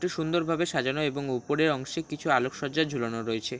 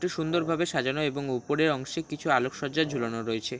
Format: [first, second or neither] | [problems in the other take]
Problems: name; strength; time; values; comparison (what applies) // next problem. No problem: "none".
first | background sound (Wind instrument, woodwind instrument); 18 dB below the speech